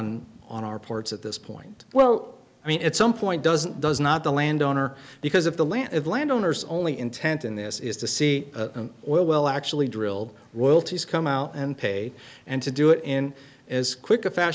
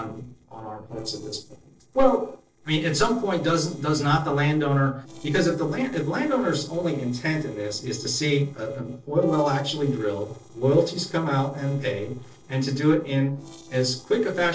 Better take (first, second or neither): first